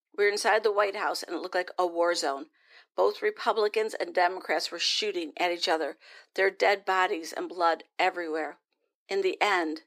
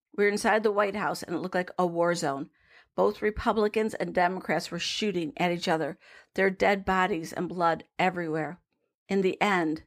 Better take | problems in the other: second | thin; very; fading below 350 Hz

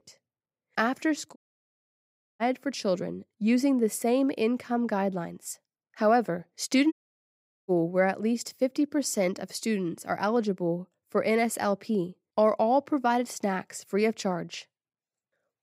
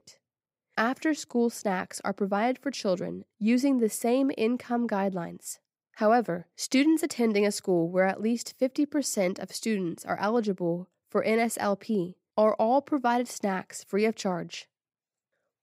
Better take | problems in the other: second | audio cutting out; at 1.5 s for 1 s and at 7 s for 1 s

